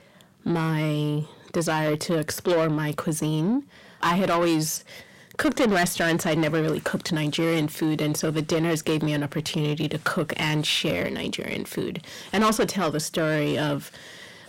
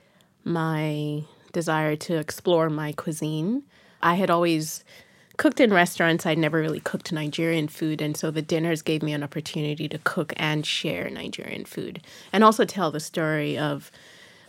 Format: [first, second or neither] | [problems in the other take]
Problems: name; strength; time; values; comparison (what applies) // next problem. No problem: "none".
second | distortion; heavy; 7 dB below the speech